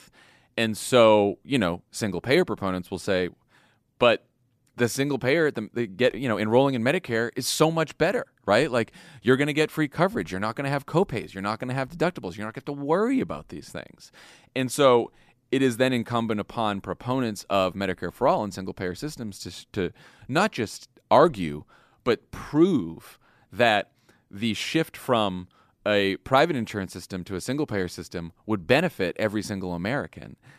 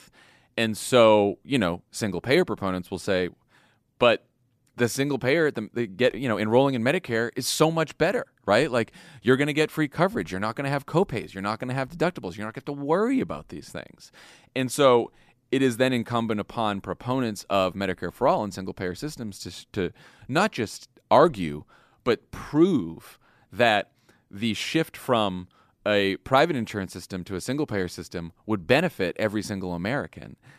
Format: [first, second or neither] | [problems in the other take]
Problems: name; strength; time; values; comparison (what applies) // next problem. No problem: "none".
neither | none